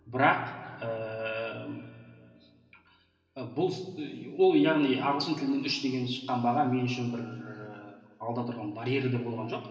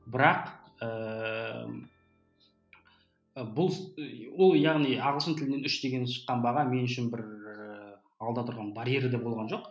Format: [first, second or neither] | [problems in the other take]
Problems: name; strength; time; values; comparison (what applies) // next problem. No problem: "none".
second | room echo; dies away in 2.3 s